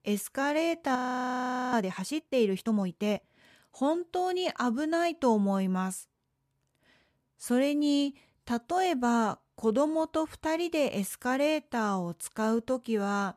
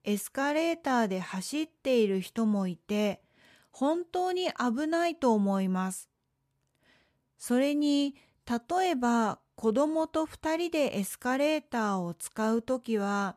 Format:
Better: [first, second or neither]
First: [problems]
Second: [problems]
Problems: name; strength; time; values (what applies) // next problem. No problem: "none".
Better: second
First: audio freezing; at 1 s for 1 s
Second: none